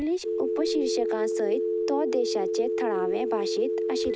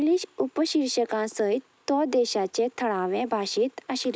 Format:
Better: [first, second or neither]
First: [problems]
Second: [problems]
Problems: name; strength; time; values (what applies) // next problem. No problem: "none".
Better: second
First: background sound (Telephone); 3 dB above the speech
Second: none